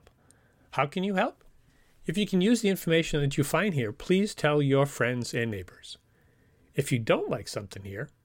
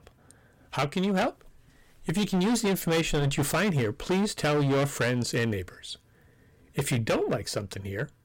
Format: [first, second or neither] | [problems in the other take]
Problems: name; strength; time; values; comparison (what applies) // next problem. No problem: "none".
first | distortion; heavy; 13% of the sound clipped